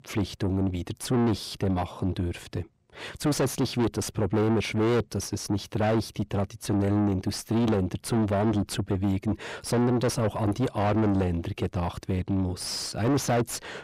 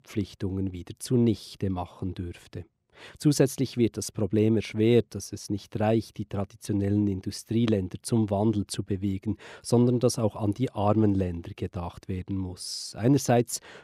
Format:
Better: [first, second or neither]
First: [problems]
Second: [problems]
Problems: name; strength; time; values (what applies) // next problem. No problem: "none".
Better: second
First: distortion; heavy; 6 dB below the speech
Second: none